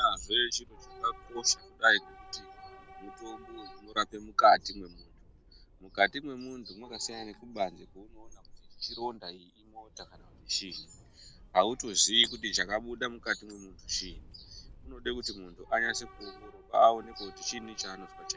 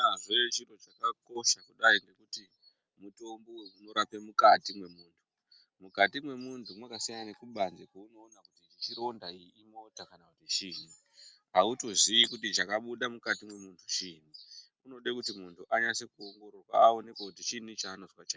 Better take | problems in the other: second | background sound (Subway, metro, underground / Train); 19 dB below the speech

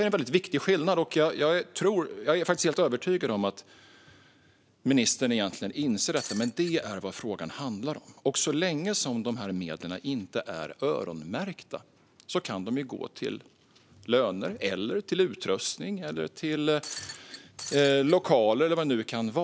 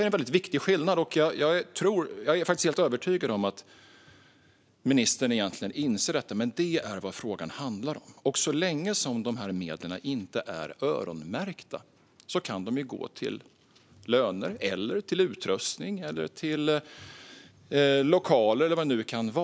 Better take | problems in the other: second | background sound (Shatter); 13 dB below the speech

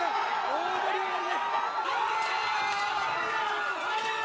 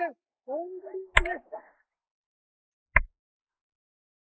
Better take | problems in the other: first | noise reduction (neural mask model Resemble Enhance denoiser)

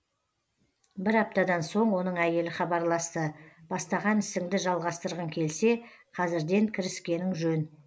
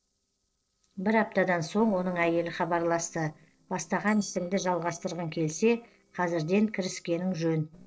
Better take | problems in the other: first | noise reduction (neural separator model SepFormer DNS4)

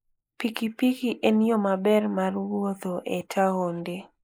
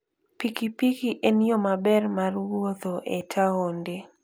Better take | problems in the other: second | noise reduction (neural mask model Resemble Enhance denoiser)

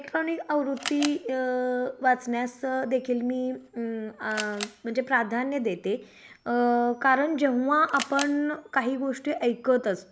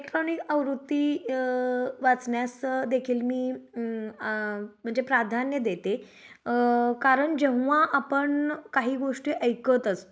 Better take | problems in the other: second | background sound (Camera); 17 dB below the speech

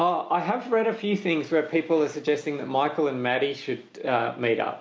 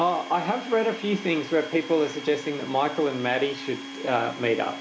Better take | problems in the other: first | background sound (Domestic sounds, home sounds); 13 dB below the speech

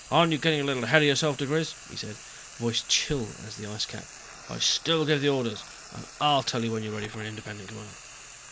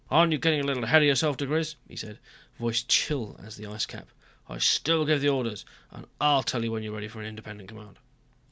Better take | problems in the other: second | background sound (Frying (food)); 17 dB below the speech

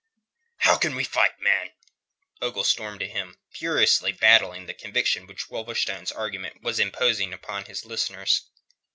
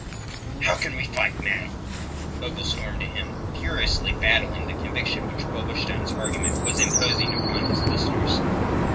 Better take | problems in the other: first | background sound (Chirp, tweet); 4 dB above the speech // room echo; dies away in 0.4 s

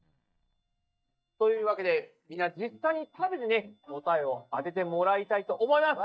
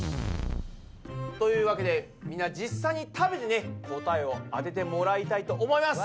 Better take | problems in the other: second | noise reduction (neural mask model DeepFilterNet 3)

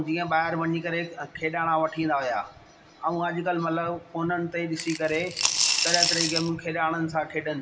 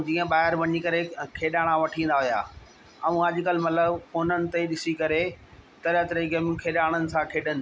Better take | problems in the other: second | background sound (Coin (dropping) / Glass); 1 dB above the speech // room echo; dies away in 2.7 s

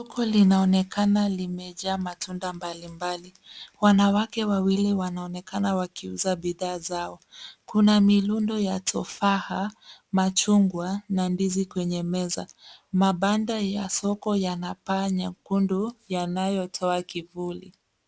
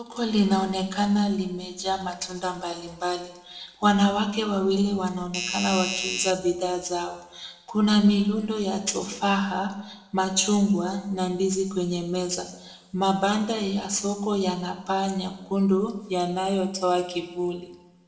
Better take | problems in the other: first | background sound (Doorbell); 5 dB below the speech // room echo; dies away in 0.8 s

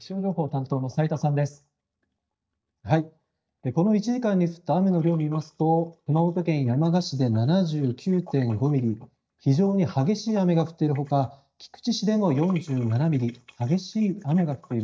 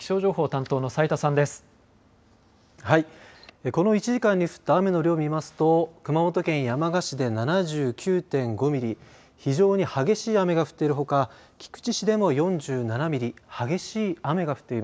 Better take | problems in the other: second | noise reduction (neural mask model DeepFilterNet 3)

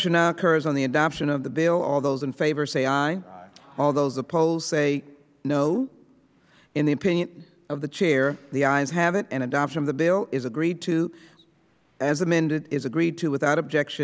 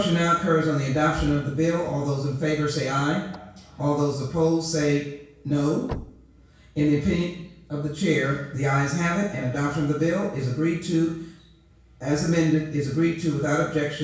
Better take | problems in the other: first | background sound (Slam / Car); 19 dB below the speech // room echo; dies away in 0.6 s

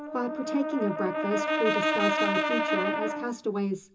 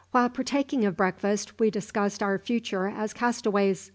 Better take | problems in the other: second | background sound (Brass instrument); 2 dB above the speech // room echo; dies away in 0.2 s

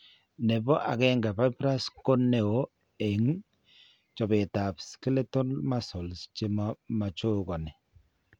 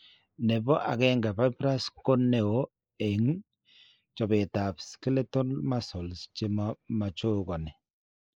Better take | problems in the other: first | noise reduction (neural mask model Resemble Enhance denoiser)

